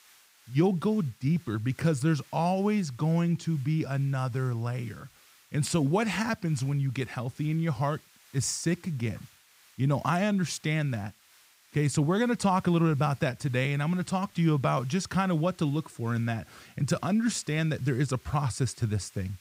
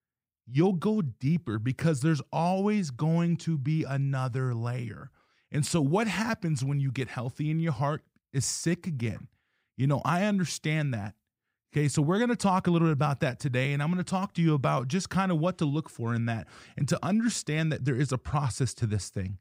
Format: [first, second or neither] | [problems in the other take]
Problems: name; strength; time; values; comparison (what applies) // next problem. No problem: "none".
second | hiss; faint; throughout; 30 dB below the speech